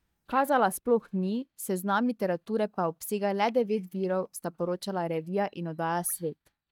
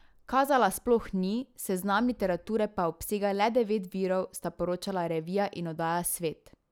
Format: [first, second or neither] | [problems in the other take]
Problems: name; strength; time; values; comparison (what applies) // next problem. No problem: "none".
second | noise reduction (neural mask model DeepFilterNet 3)